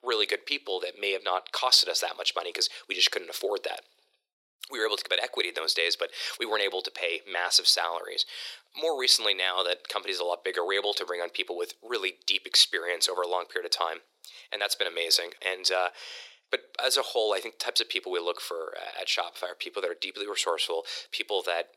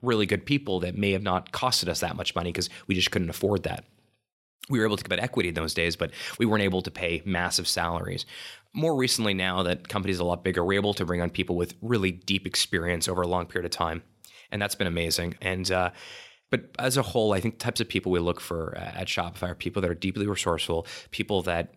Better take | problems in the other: second | thin; very; fading below 400 Hz

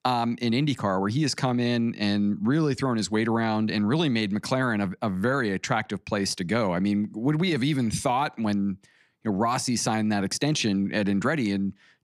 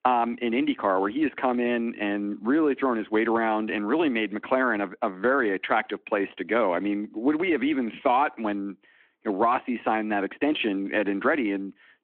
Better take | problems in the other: first | phone-call audio

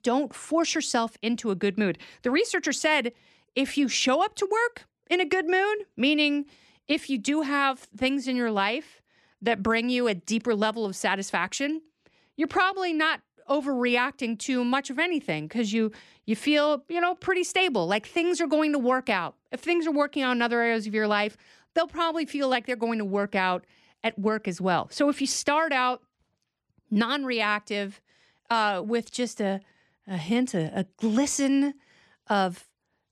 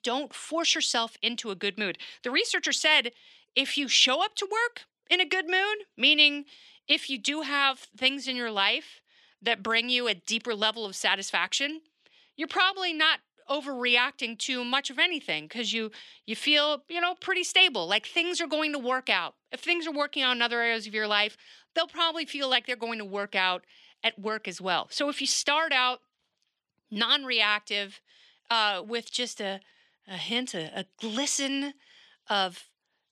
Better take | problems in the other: first | thin; very slightly; fading below 1 kHz

